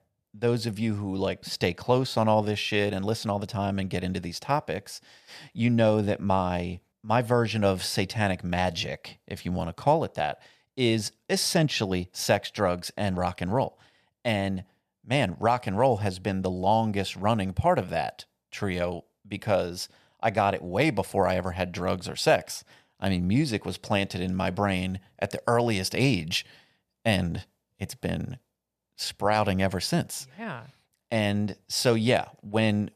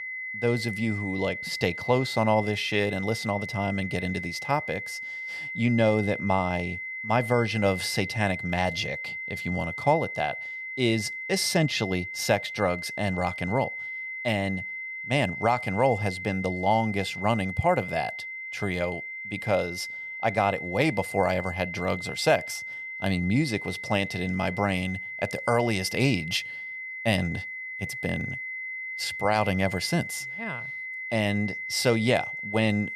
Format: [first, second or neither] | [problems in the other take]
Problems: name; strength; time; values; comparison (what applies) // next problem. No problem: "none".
first | high-pitched whine; loud; throughout; 2 kHz, 6 dB below the speech